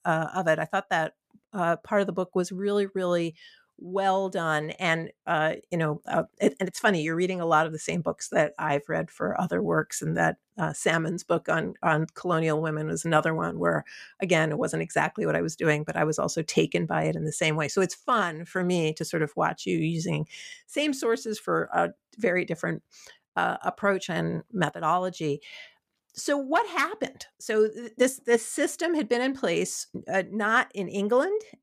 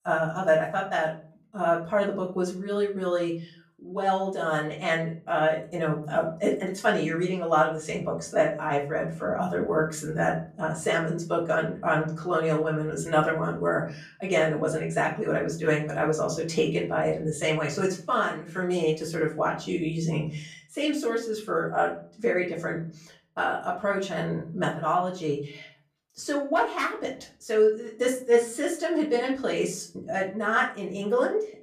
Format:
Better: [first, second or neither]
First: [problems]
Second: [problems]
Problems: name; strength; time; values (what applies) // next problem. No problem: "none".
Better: first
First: none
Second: off-mic speech; far // room echo; slight; dies away in 0.4 s